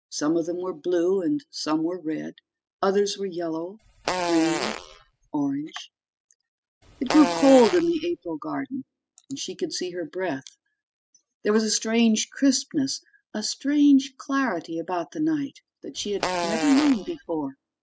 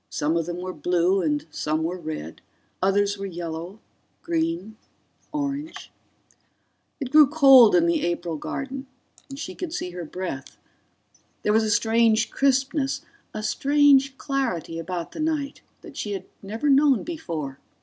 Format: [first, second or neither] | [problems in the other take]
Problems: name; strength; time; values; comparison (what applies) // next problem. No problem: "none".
second | noise reduction (classical method spectral subtraction)